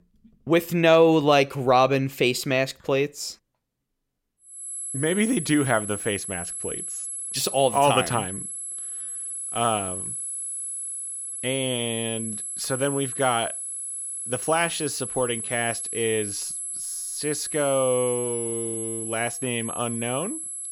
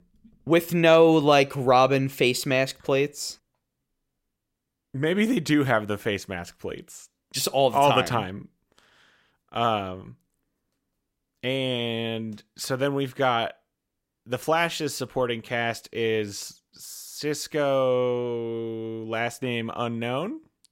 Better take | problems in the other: second | high-pitched whine; loud; from 4.5 s on; 11 kHz, 5 dB below the speech

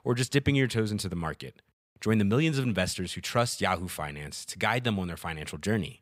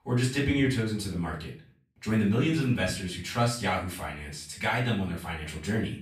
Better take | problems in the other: first | room echo; slight; dies away in 0.4 s // off-mic speech; far

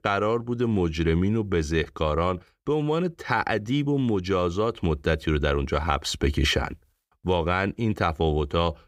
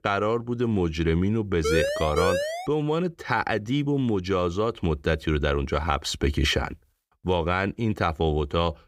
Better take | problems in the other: first | siren; loud; from 1.5 to 2.5 s; peak level with the speech

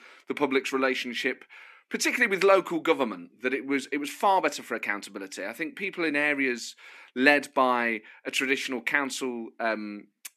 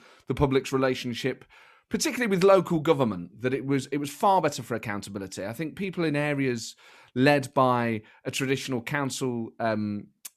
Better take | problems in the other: second | thin; very slightly; fading below 250 Hz

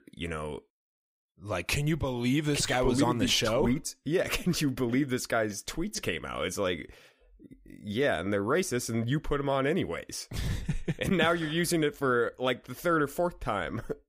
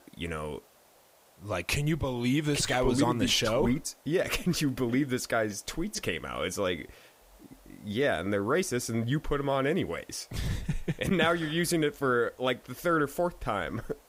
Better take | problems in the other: first | hiss; faint; throughout; 30 dB below the speech

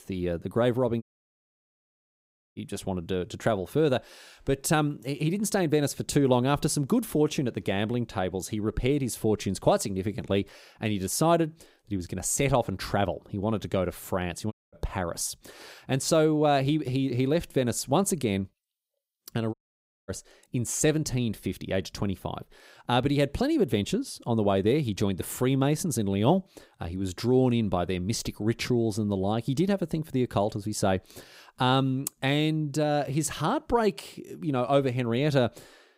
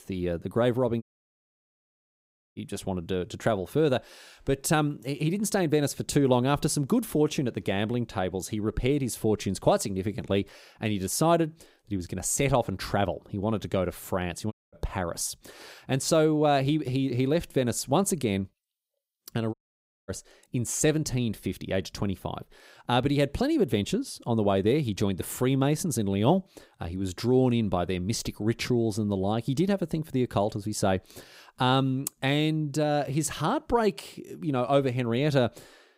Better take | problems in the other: neither | audio cutting out; at 1 s for 1.5 s, at 15 s and at 20 s for 0.5 s; the same in both

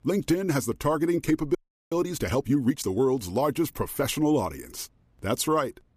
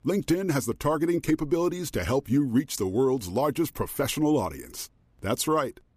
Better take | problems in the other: second | audio freezing; at 1.5 s

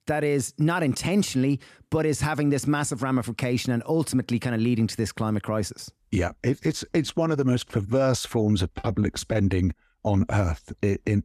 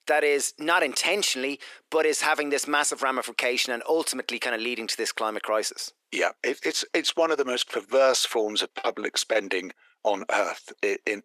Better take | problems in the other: first | thin; very; fading below 400 Hz

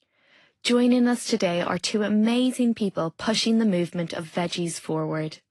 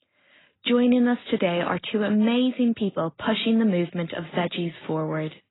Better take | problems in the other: first | garbled, watery; badly; nothing above 4 kHz; slightly in the first

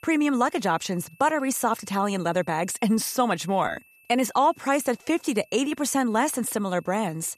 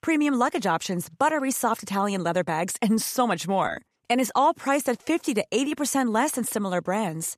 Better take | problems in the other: second | high-pitched whine; faint; throughout; 2.5 kHz, 30 dB below the speech

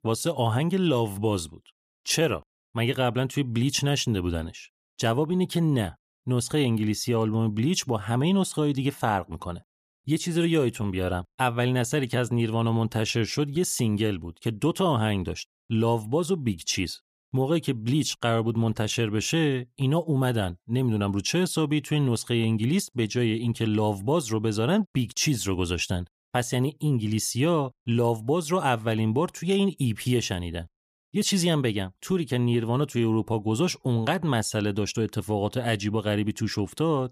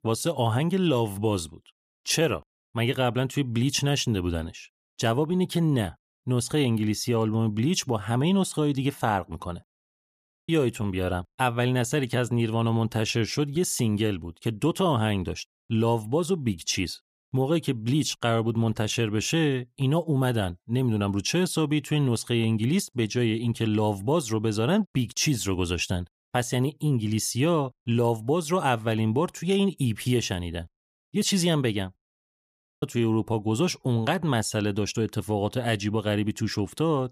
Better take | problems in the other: first | audio cutting out; at 10 s for 0.5 s and at 32 s for 1 s

